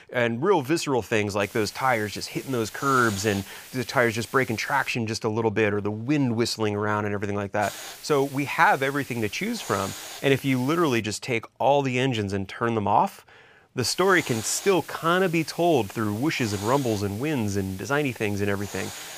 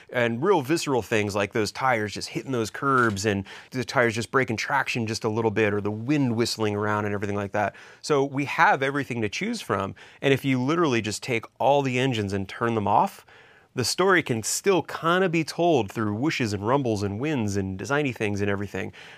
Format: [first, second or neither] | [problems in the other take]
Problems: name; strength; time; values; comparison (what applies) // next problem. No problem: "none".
second | hiss; noticeable; from 1.5 to 5 s, from 7.5 to 11 s and from 14 s on; 15 dB below the speech